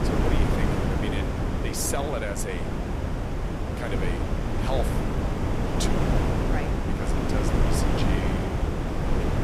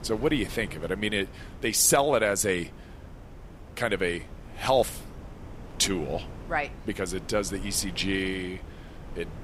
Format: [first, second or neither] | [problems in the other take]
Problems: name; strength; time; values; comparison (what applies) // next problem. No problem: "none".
second | wind noise on the microphone; heavy; 4 dB above the speech; occasional gusts in the second